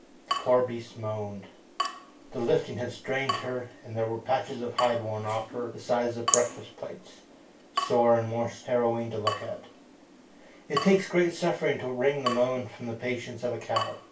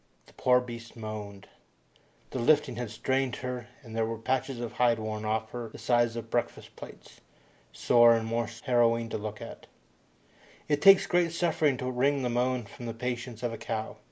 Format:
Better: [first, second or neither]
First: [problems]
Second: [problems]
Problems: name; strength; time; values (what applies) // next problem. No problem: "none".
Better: second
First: background sound (Drip / Water tap, faucet); 8 dB below the speech // room echo; dies away in 0.2 s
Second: none